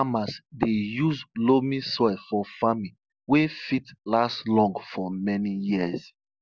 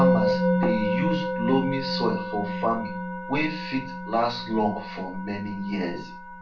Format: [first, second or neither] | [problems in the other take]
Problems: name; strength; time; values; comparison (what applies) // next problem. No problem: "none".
first | background sound (Musical instrument); 1 dB above the speech // room echo; dies away in 0.3 s